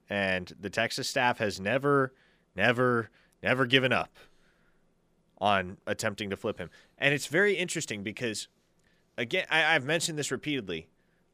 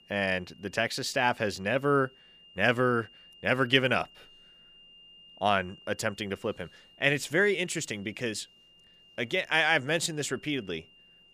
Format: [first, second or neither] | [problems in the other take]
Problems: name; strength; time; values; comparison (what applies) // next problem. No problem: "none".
first | high-pitched whine; faint; throughout; 3 kHz, 25 dB below the speech